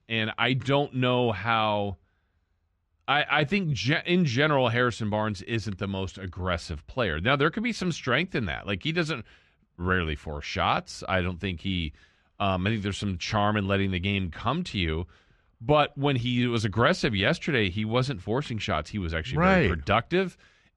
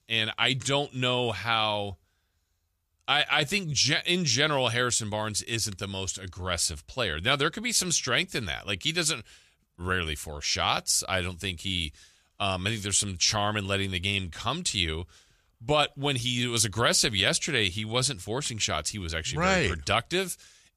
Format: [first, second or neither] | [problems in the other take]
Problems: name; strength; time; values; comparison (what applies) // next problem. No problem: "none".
second | muffled; very; fading above 2 kHz